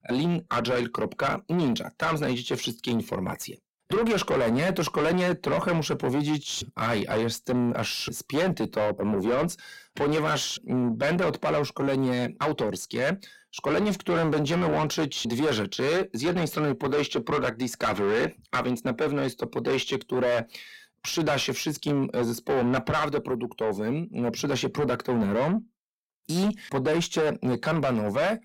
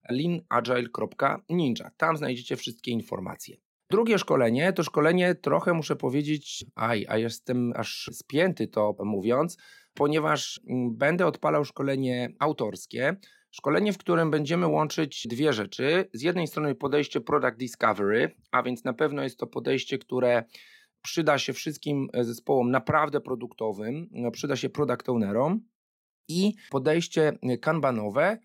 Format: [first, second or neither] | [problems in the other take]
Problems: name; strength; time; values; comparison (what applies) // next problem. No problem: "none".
second | distortion; heavy; 7 dB below the speech